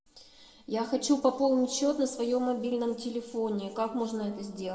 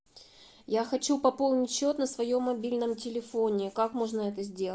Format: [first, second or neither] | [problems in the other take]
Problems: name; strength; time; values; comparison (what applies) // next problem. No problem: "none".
second | room echo; dies away in 1.5 s